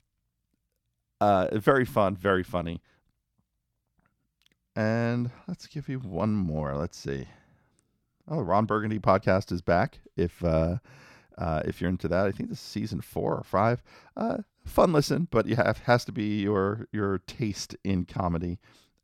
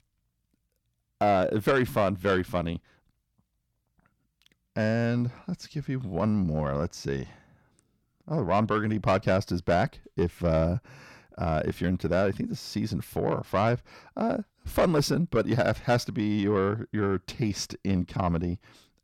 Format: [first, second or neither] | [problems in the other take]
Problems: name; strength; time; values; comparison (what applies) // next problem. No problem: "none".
first | distortion; slight; 10 dB below the speech